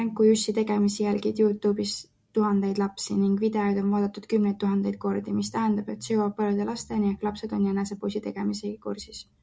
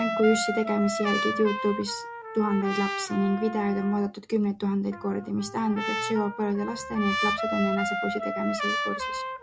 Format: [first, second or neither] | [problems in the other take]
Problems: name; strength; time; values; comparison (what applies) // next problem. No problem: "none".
first | background sound (Trumpet); 4 dB below the speech